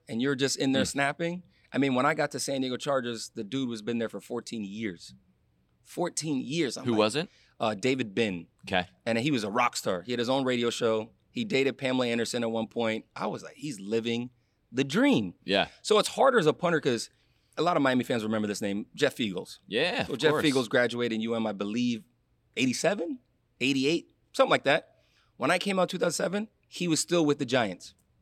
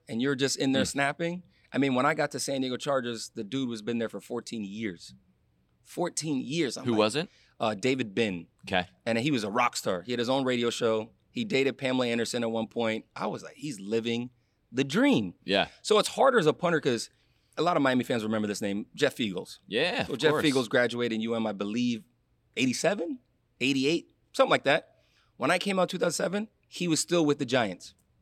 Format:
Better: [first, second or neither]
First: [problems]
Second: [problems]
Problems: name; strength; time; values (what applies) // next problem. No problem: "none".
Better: neither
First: none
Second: none